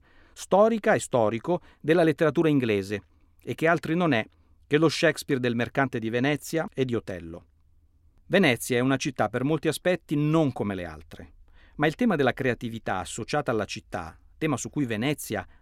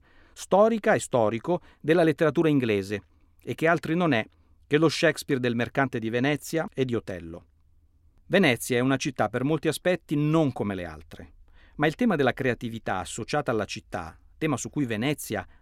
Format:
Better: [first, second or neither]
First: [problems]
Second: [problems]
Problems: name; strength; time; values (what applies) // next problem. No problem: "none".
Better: neither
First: none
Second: none